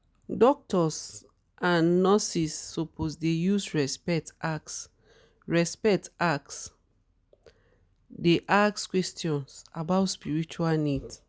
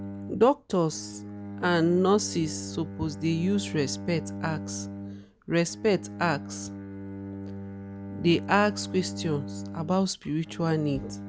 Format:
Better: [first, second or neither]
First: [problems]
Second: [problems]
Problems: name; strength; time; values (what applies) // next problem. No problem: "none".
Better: first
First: none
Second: background sound (Bowed string instrument); 10 dB below the speech